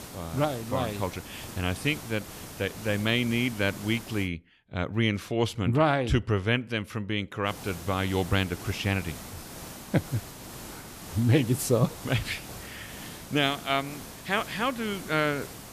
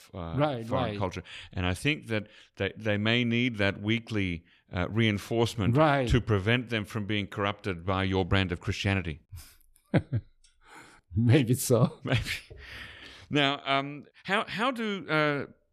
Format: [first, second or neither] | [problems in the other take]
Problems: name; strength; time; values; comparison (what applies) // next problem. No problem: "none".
second | hiss; noticeable; until 4.5 s and from 7.5 s on; 15 dB below the speech